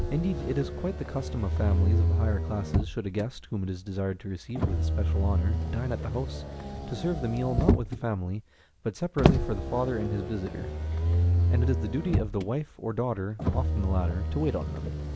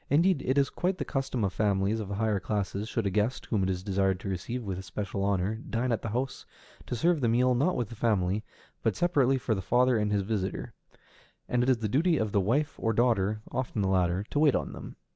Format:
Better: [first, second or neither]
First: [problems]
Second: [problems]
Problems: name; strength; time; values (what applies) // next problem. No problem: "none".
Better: second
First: background sound (Motor vehicle (road)); 3 dB above the speech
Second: none